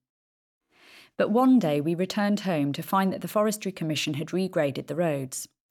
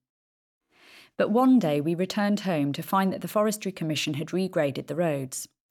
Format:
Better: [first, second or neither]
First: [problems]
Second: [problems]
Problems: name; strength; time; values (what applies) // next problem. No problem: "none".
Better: neither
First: none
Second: none